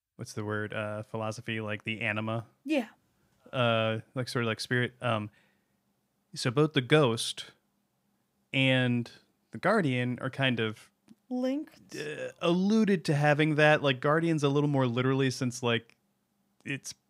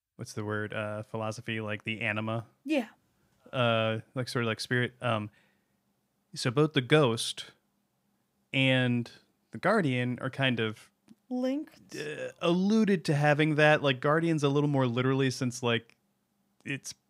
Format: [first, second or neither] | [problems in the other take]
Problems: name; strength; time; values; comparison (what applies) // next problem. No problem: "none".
neither | none